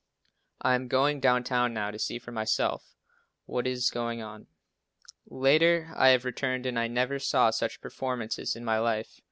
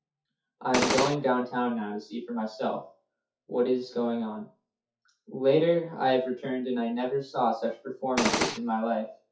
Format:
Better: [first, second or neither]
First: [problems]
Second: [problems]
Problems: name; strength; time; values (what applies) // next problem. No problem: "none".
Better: first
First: none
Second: noise reduction (classical method WPE with log-MMSE)